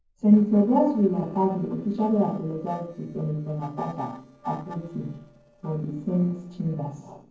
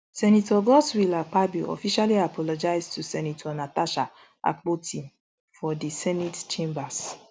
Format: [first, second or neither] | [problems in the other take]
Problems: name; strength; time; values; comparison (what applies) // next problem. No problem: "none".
second | noise reduction (neural separator model SepFormer DNS4)